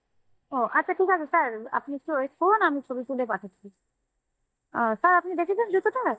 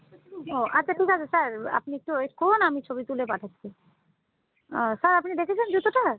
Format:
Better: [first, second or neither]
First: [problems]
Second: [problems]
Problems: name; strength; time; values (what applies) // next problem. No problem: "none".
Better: second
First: noise reduction (neural mask model DeepFilterNet 3)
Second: none